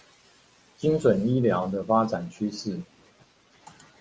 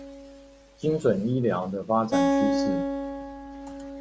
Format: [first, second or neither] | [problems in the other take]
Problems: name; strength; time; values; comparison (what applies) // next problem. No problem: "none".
first | background sound (Acoustic guitar); 1 dB below the speech